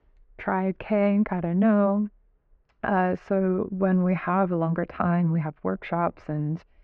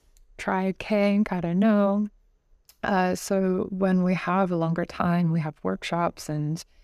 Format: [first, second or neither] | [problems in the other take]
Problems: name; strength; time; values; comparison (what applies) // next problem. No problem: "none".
second | muffled; very; fading above 2 kHz